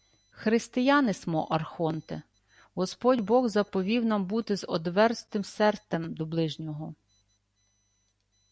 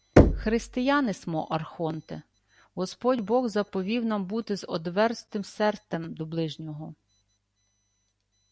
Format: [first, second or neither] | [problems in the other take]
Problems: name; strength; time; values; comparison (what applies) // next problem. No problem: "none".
first | background sound (Knock); 4 dB above the speech